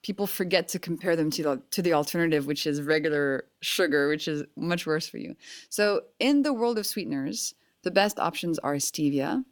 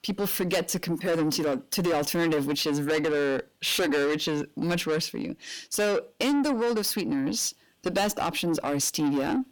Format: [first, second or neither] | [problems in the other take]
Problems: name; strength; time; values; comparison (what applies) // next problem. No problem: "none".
first | distortion; heavy; 8 dB below the speech